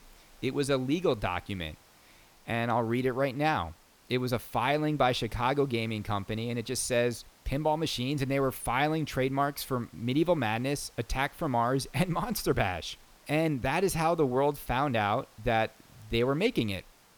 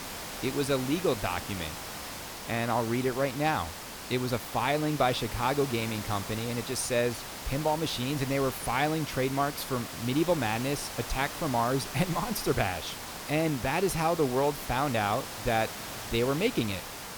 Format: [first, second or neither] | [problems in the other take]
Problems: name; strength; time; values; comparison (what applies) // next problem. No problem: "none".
first | hiss; loud; throughout; 8 dB below the speech; faint in the first